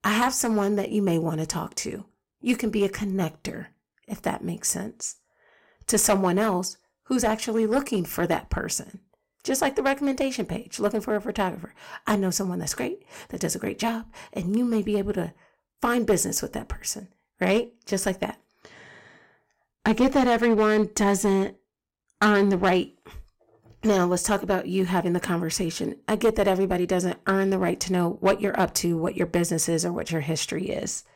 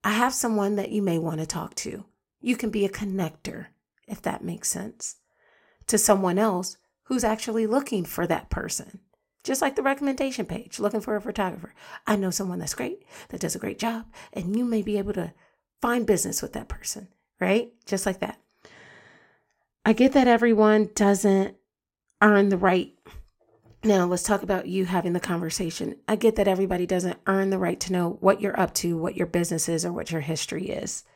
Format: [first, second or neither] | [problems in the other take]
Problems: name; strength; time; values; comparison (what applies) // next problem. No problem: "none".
second | distortion; slight; 3% of the sound clipped